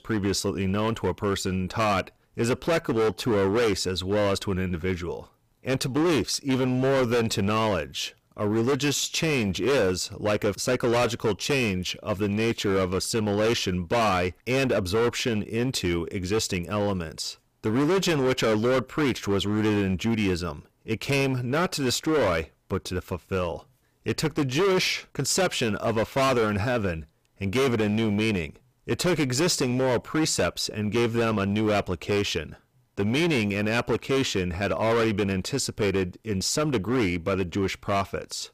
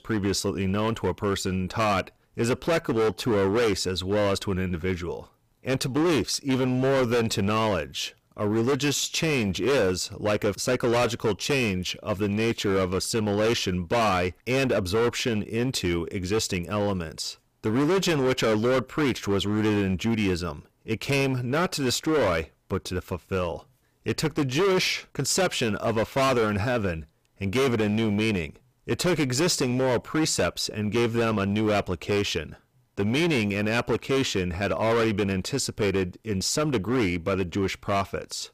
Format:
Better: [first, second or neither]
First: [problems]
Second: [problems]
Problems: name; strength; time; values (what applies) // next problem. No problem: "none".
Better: neither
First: distortion; heavy; 16% of the sound clipped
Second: distortion; heavy; 16% of the sound clipped